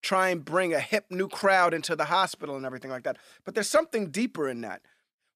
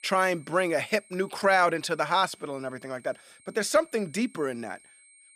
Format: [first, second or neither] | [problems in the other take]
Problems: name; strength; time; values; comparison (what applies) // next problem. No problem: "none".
first | high-pitched whine; faint; throughout; 8.5 kHz, 25 dB below the speech